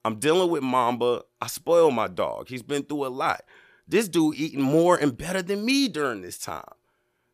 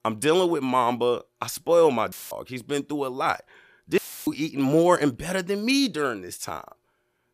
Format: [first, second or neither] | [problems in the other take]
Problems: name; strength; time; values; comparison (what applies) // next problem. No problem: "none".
first | audio cutting out; filled with static; at 2 s and at 4 s